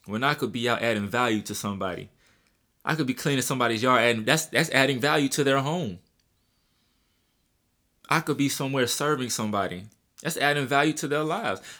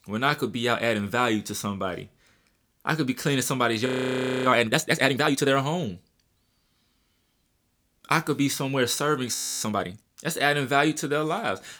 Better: first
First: none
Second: audio freezing; at 4 s for 0.5 s and at 9.5 s

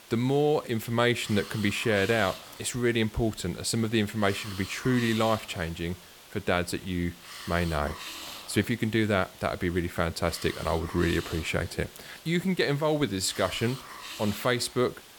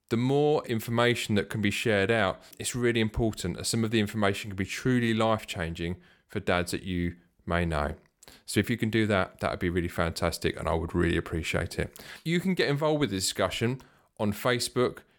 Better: second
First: hiss; noticeable; throughout; 15 dB below the speech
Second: none

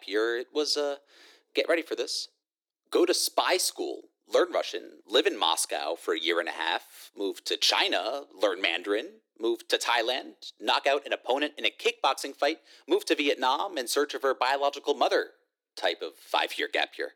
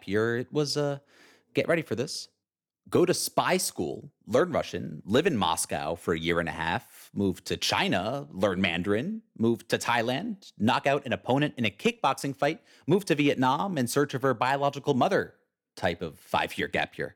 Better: second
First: thin; somewhat; fading below 300 Hz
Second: none

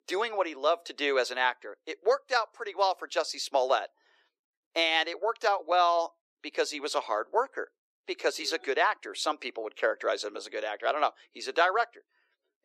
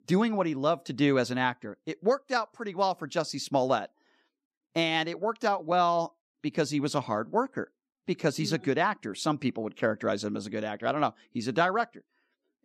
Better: second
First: thin; very; fading below 400 Hz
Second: none

